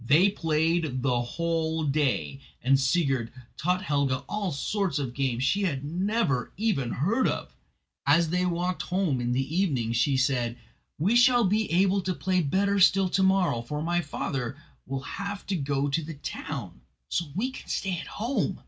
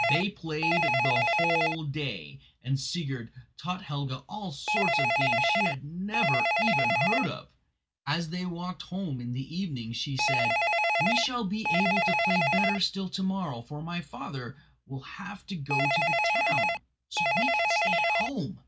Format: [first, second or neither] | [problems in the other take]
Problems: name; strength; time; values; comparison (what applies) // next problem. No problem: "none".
first | background sound (Telephone); 3 dB above the speech